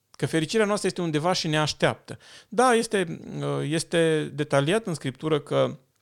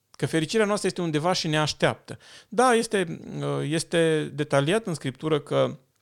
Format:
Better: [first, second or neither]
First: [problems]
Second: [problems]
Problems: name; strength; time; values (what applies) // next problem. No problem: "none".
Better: neither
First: none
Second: none